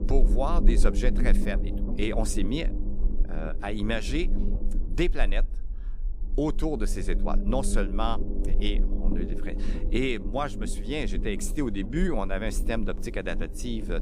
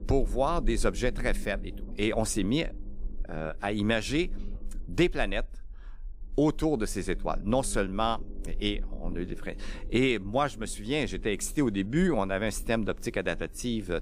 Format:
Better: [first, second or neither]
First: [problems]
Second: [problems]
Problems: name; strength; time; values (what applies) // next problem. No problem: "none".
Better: second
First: low rumble; loud; throughout; 10 dB below the speech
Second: low rumble; faint; throughout; 25 dB below the speech